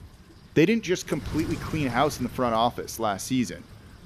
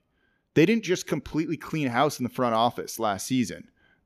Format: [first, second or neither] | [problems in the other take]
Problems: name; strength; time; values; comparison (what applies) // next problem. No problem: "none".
second | wind noise on the microphone; occasional gusts; 20 dB below the speech